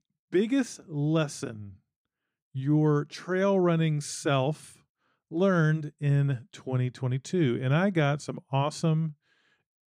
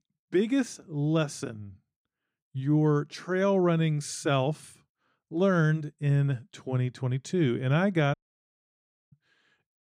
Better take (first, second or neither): first